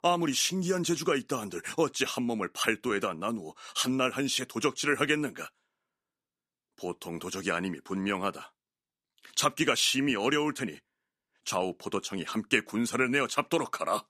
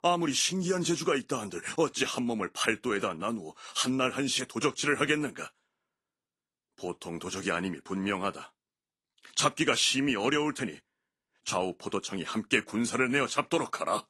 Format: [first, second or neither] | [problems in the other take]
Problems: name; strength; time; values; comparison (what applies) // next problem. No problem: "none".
first | garbled, watery; slightly; nothing above 11 kHz